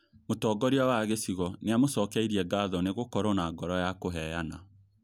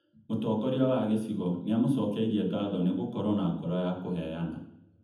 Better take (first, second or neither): first